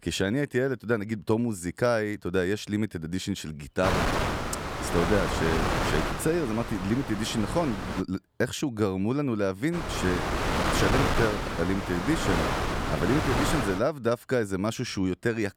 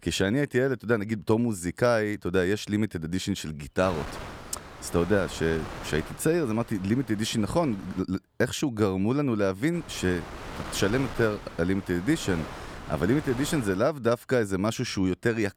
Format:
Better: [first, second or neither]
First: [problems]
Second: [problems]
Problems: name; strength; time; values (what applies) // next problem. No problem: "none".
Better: second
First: wind noise on the microphone; heavy; from 4 to 8 s and from 9.5 to 14 s; 1 dB above the speech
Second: wind noise on the microphone; occasional gusts; from 4 to 8 s and from 9.5 to 14 s; 10 dB below the speech